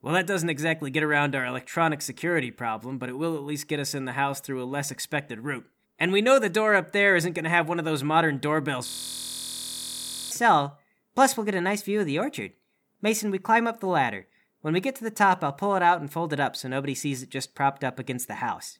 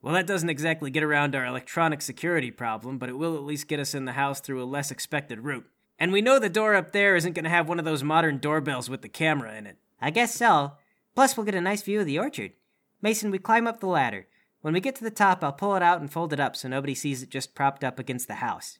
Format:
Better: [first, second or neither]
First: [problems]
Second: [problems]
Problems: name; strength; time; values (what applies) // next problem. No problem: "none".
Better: second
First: audio freezing; at 9 s for 1.5 s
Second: none